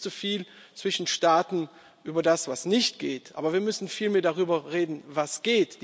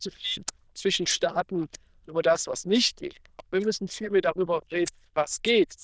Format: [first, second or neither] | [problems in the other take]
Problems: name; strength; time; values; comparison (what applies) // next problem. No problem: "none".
first | noise reduction (neural diffusion model UNIVERSE++)